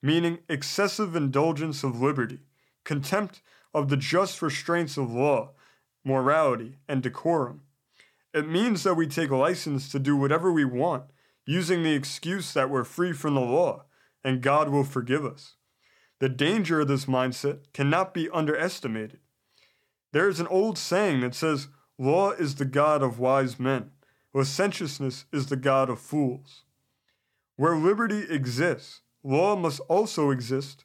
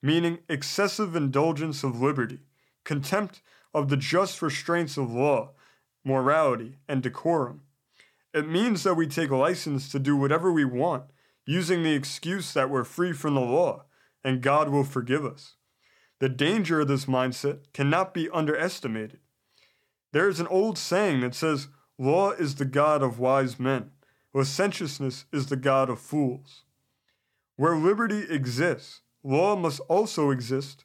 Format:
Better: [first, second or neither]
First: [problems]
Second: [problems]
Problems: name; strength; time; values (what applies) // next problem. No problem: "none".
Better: neither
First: none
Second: none